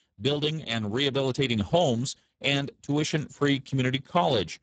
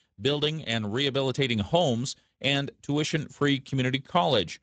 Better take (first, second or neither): second